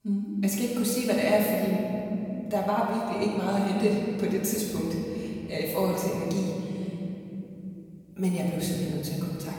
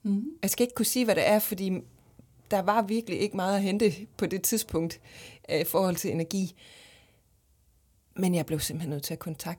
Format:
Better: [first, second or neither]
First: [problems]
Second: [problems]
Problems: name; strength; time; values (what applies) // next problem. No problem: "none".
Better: second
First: off-mic speech; far // room echo; noticeable; dies away in 3 s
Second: none